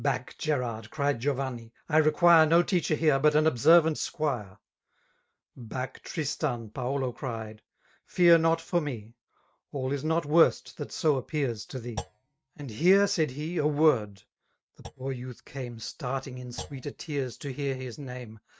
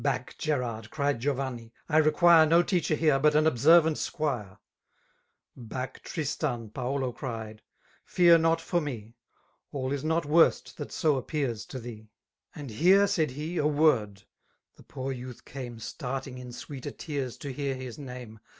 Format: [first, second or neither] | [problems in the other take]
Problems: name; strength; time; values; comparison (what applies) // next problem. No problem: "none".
second | noise reduction (neural mask model RNNoise)